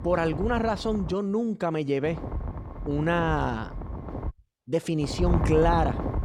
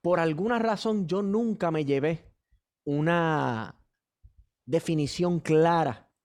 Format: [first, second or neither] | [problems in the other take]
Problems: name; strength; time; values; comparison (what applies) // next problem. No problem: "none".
second | wind noise on the microphone; occasional gusts; until 1 s, from 2 to 4.5 s and from 5 s on; 10 dB below the speech